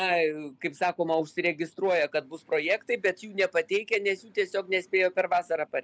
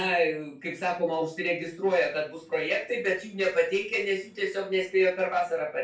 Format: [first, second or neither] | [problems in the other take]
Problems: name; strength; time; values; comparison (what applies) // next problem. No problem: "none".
first | room echo; dies away in 0.3 s